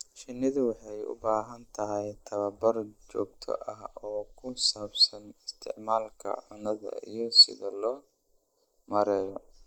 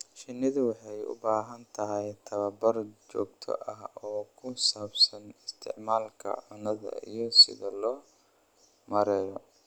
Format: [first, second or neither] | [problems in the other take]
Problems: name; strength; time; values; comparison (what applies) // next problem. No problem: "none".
second | noise reduction (neural mask model Resemble Enhance denoiser)